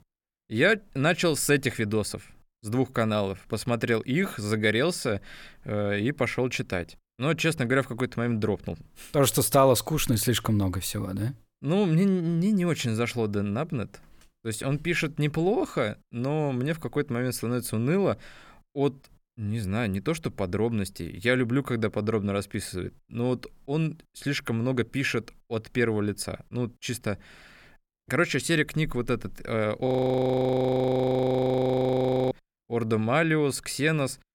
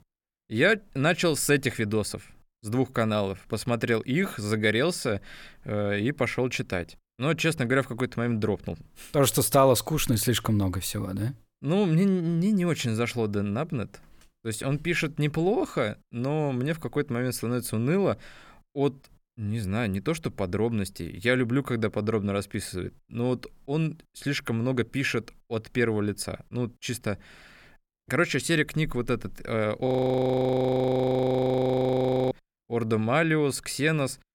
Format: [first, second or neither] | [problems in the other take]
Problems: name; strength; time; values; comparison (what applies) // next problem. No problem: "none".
neither | audio freezing; at 30 s for 2.5 s; the same in both